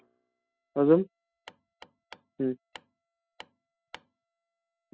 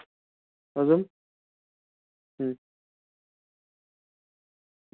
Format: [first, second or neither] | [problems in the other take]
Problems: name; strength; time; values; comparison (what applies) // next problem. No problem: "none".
second | noise reduction (classical method spectral subtraction)